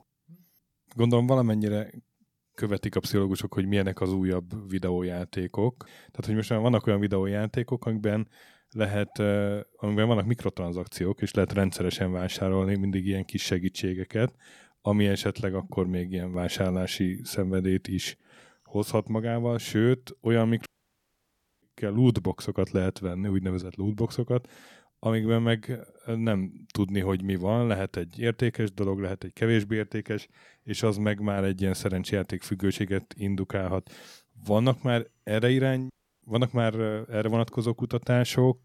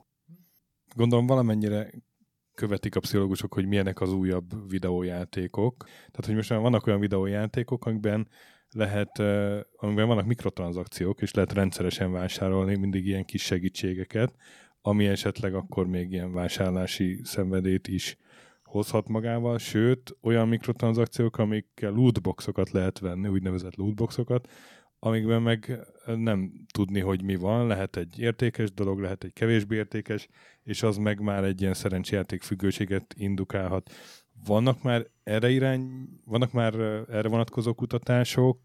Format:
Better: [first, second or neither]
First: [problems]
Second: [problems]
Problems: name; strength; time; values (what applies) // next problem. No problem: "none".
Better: second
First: audio cutting out; at 21 s for 1 s and at 36 s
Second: none